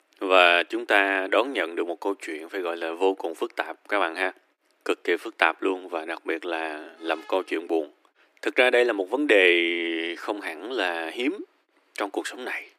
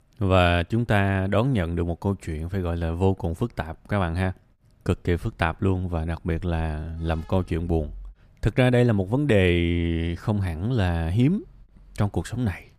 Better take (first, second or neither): second